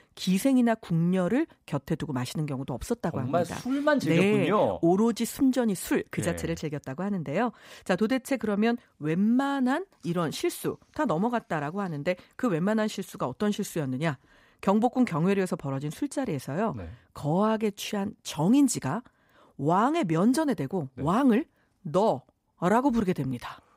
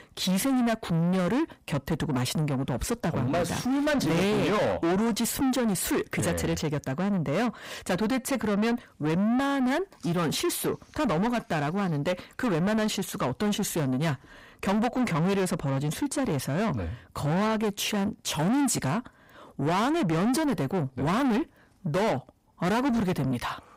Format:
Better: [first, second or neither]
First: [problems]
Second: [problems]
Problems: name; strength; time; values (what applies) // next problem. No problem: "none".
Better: first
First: none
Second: distortion; heavy; 6 dB below the speech